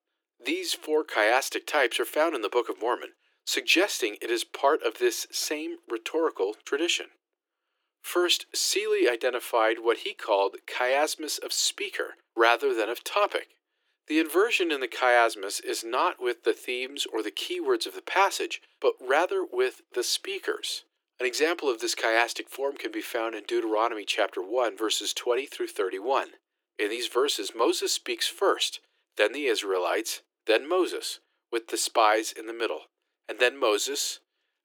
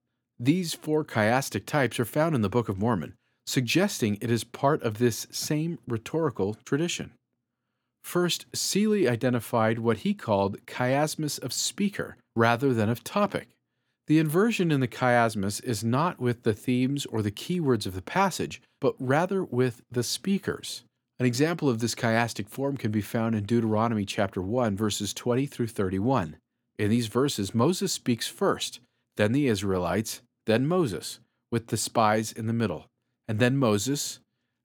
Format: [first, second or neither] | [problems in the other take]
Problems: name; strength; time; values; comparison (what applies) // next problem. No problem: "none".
second | thin; very; fading below 350 Hz